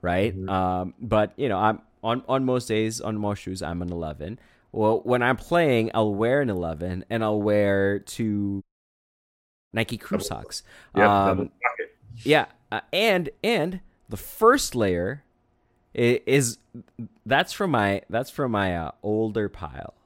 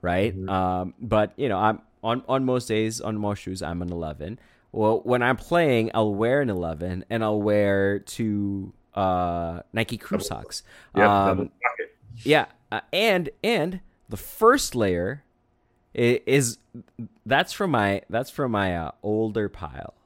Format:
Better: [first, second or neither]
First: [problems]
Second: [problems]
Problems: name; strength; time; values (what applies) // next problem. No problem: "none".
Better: second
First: audio cutting out; at 8.5 s for 1 s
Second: none